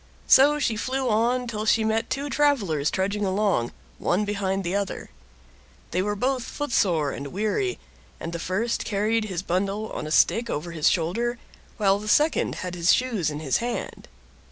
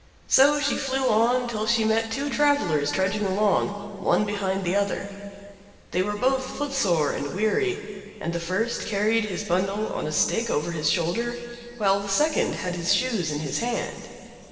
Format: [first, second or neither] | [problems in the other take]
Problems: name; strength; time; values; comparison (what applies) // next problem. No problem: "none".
first | room echo; dies away in 2.4 s